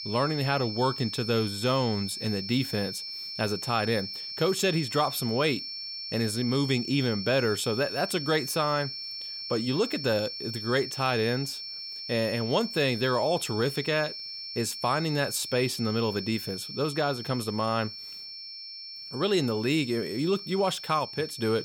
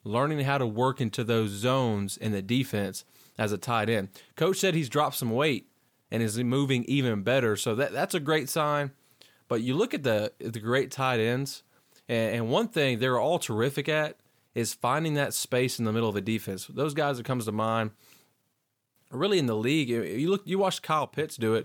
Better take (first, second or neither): second